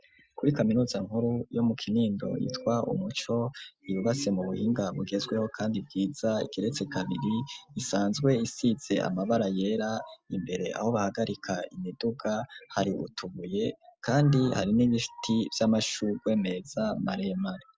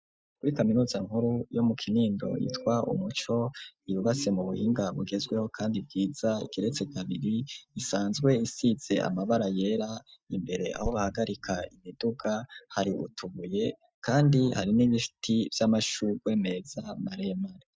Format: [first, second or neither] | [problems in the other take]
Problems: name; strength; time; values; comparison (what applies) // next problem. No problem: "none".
first | noise reduction (neural mask model DeepFilterNet 3)